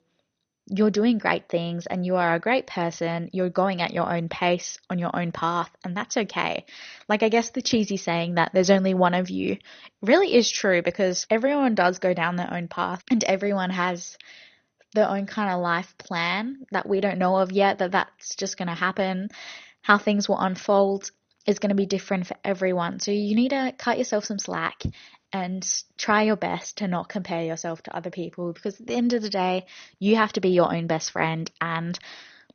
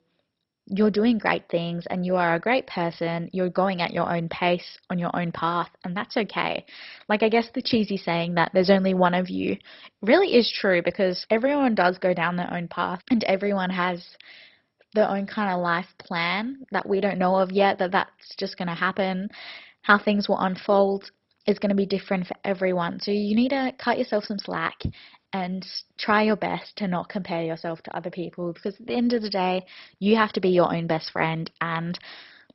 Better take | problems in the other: first | garbled, watery; badly; nothing above 5.5 kHz; slightly in the first

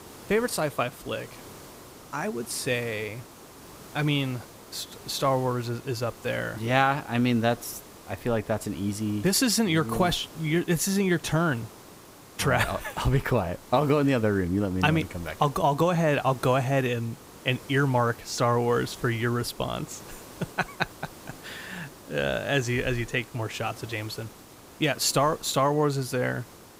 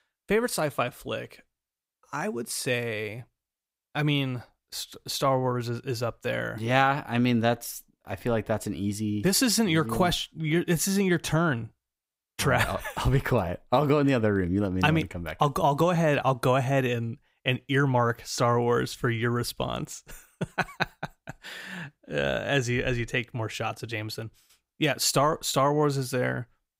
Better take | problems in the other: second | hiss; noticeable; throughout; 20 dB below the speech

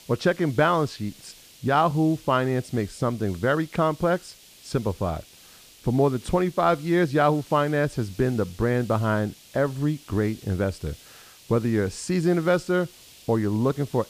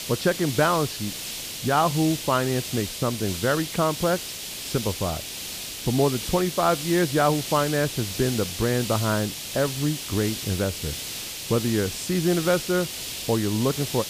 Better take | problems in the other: first | hiss; loud; throughout; 6 dB below the speech; faint in the first

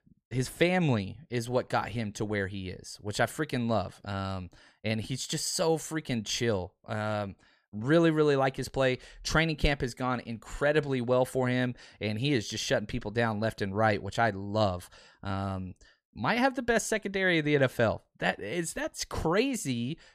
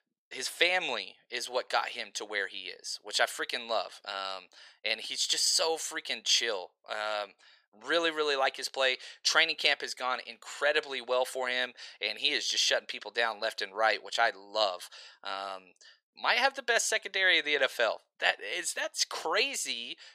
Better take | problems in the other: first | thin; very; fading below 500 Hz

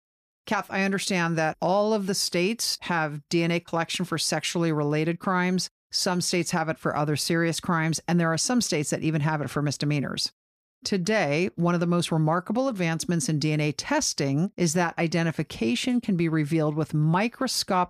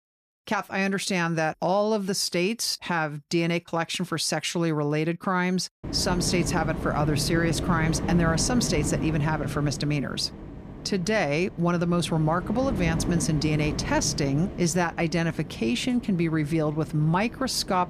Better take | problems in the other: first | wind noise on the microphone; occasional gusts; from 6 s on; 10 dB below the speech

